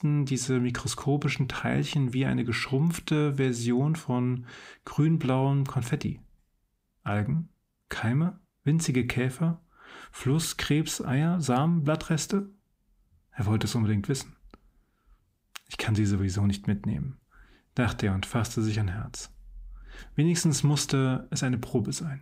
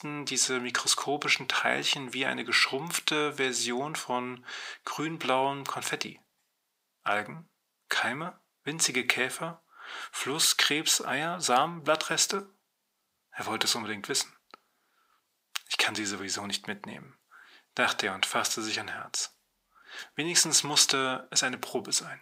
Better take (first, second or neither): first